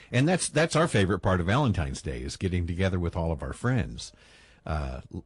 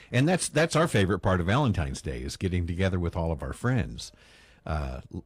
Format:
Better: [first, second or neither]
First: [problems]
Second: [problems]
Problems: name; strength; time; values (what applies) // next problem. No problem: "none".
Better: second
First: garbled, watery; slightly; nothing above 10.5 kHz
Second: none